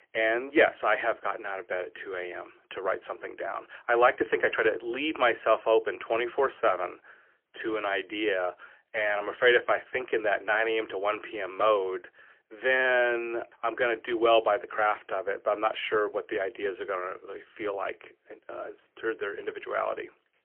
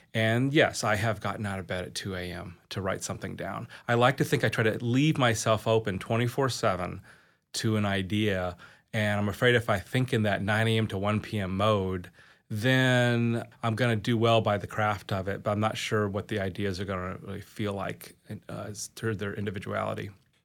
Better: second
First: phone-call audio; poor line; nothing above 3 kHz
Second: none

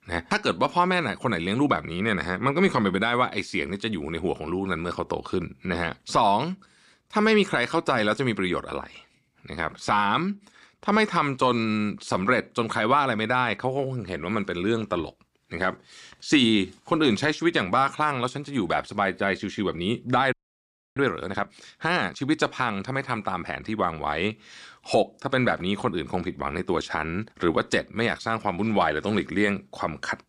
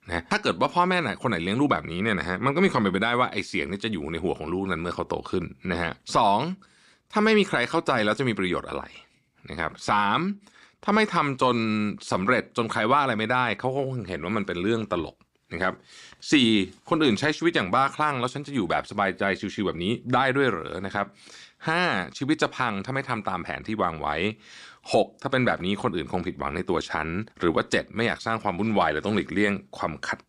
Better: second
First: audio freezing; at 20 s for 0.5 s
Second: none

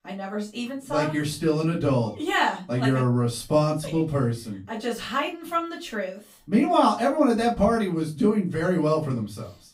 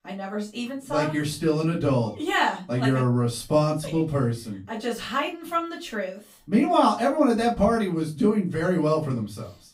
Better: neither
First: off-mic speech; far // room echo; very slight; dies away in 0.2 s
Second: off-mic speech; far // room echo; very slight; dies away in 0.2 s

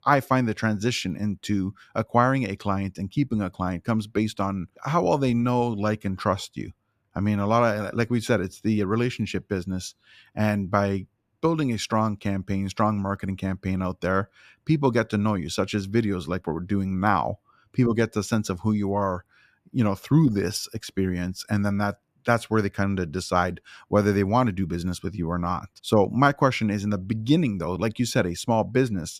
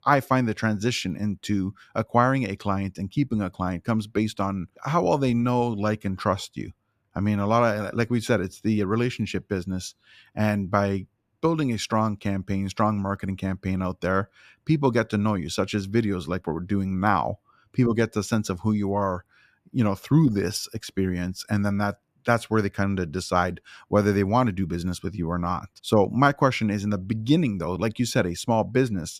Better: neither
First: none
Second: none

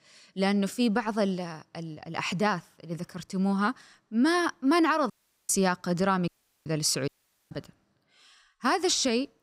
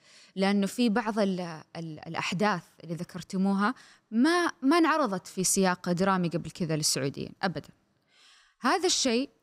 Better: second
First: audio cutting out; at 5 s, at 6.5 s and at 7 s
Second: none

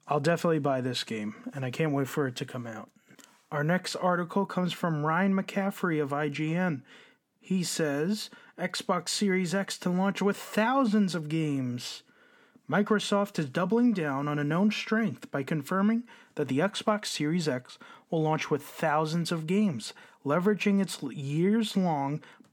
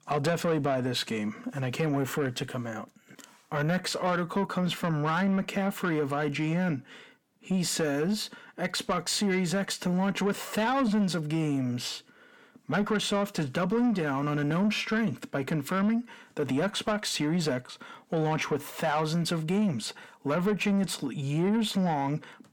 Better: first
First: none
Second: distortion; slight; 10 dB below the speech

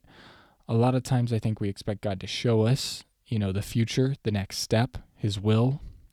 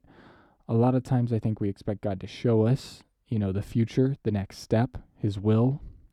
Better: first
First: none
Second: muffled; slightly; fading above 2 kHz

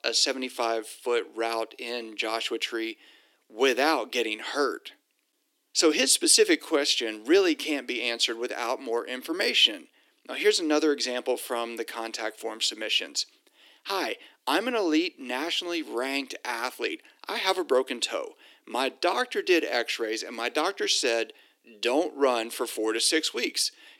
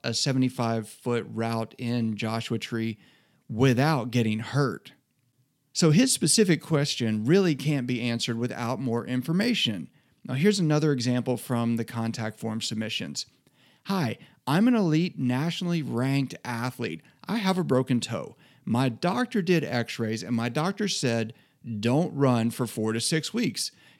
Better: second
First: thin; very; fading below 300 Hz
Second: none

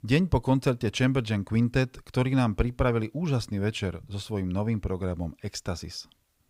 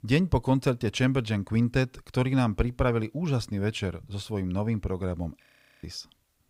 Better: first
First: none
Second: audio freezing; at 5.5 s

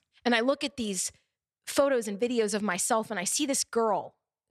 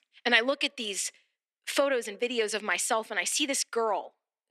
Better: first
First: none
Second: thin; very slightly; fading below 250 Hz

